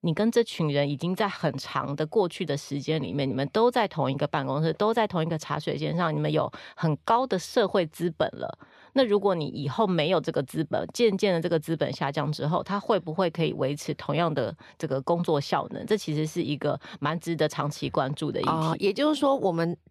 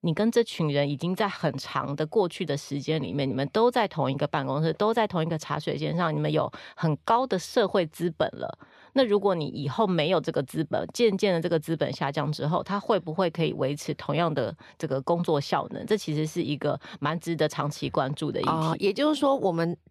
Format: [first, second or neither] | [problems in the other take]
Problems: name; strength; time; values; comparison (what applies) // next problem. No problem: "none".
neither | none